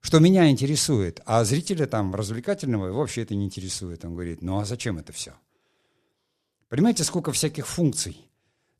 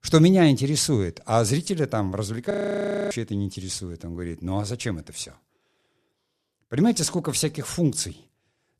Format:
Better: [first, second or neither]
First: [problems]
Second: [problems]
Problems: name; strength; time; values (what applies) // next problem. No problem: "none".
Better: first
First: none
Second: audio freezing; at 2.5 s for 0.5 s